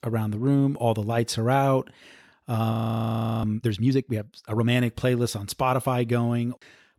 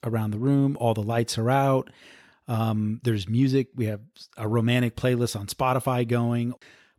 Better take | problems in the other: second | audio freezing; at 2.5 s for 0.5 s

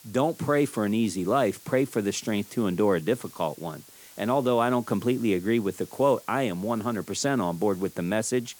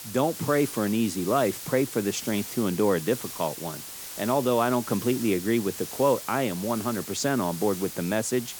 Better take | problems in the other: first | hiss; loud; throughout; 10 dB below the speech; faint in the first

